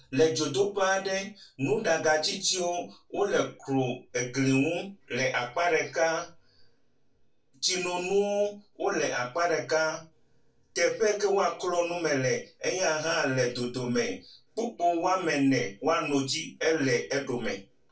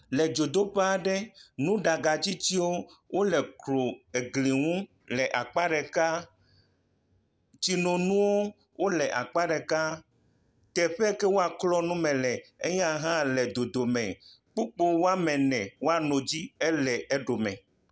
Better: second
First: room echo; dies away in 0.2 s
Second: none

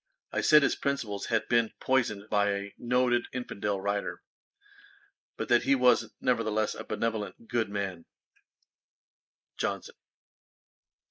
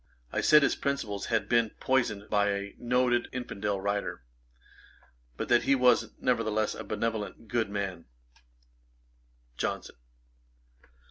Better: second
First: noise reduction (neural mask model Resemble Enhance denoiser)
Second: none

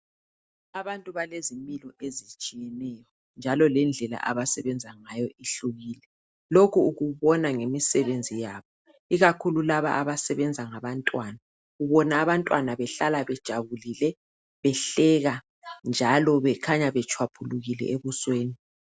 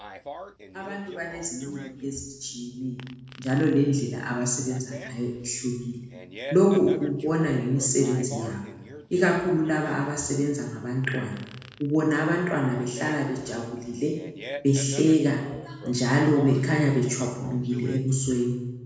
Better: first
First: none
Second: background sound (Fart); 18 dB below the speech // room echo; dies away in 1 s

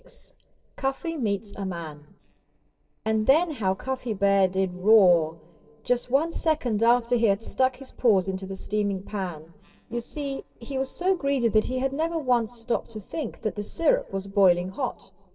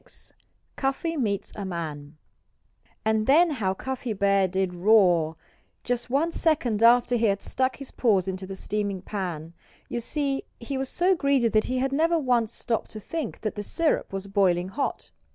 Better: second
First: noise reduction (neural separator model SepFormer DNS4)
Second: none

